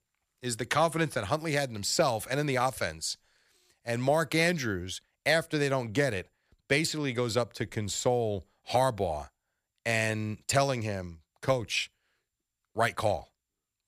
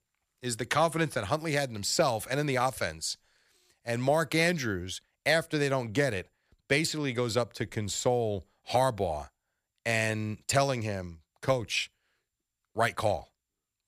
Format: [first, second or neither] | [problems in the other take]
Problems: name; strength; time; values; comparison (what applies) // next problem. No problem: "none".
neither | none